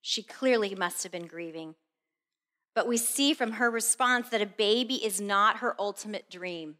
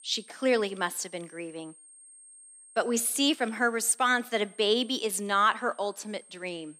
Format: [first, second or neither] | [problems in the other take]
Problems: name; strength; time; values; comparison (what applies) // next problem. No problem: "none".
first | high-pitched whine; faint; throughout; 8.5 kHz, 25 dB below the speech